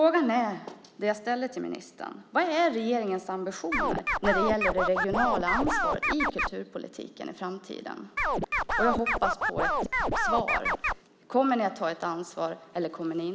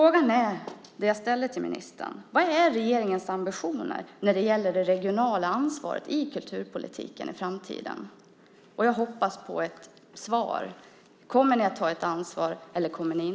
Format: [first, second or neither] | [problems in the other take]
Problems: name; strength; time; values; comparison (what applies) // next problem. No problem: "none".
second | background sound (Scratching (performance technique)); 2 dB above the speech